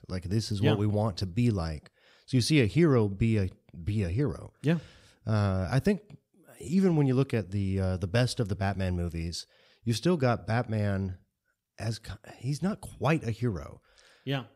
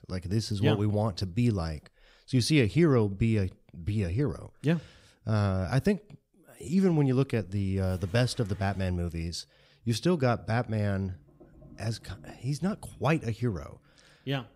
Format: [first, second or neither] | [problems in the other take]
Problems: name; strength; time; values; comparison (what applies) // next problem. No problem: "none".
first | household noises; faint; throughout; 30 dB below the speech